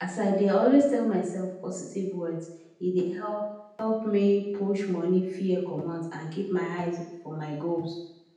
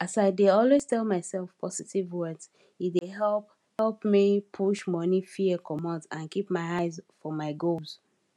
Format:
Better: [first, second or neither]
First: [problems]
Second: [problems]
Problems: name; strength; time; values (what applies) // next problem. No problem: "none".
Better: second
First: room echo; dies away in 0.8 s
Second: none